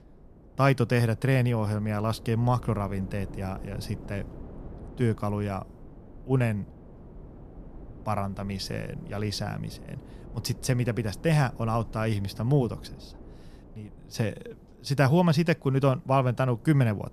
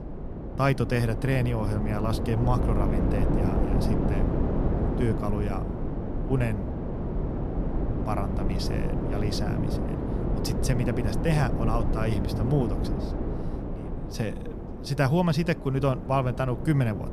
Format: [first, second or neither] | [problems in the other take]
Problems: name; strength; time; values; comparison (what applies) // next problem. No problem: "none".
first | wind noise on the microphone; heavy; 4 dB below the speech; occasional gusts in the first